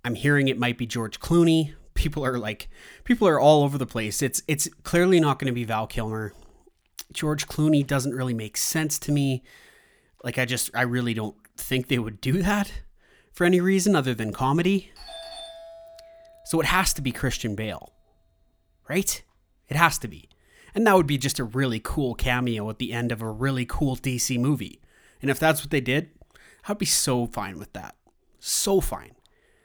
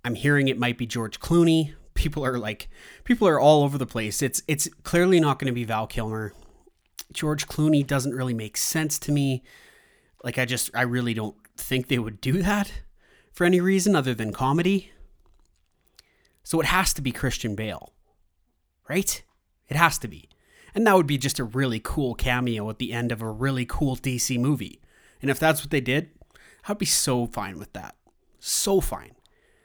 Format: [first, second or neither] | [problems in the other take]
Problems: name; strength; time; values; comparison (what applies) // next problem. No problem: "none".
second | doorbell; faint; from 15 to 21 s; peak 15 dB below the speech